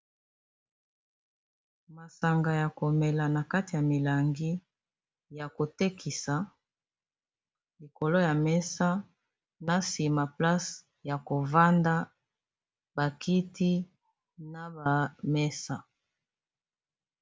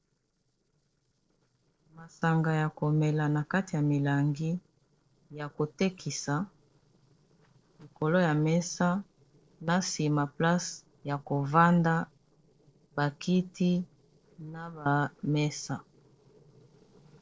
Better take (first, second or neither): first